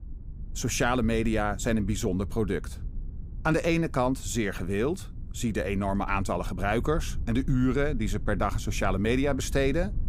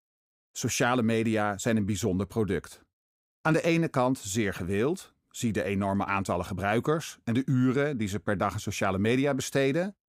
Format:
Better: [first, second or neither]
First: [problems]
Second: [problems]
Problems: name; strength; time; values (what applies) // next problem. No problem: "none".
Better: second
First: low rumble; faint; throughout; 25 dB below the speech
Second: none